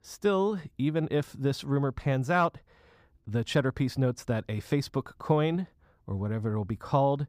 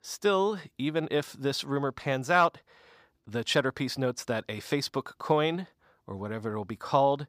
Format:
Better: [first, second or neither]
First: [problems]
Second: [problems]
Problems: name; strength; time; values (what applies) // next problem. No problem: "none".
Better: first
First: none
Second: thin; very slightly; fading below 950 Hz